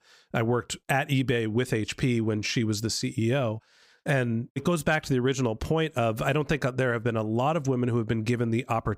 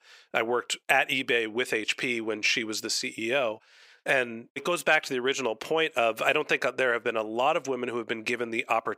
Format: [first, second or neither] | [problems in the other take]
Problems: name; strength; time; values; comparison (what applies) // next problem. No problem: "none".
first | thin; very; fading below 500 Hz